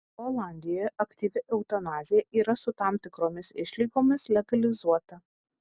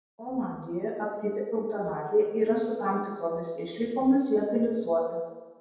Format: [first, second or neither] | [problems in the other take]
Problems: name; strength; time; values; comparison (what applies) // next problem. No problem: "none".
first | room echo; dies away in 1 s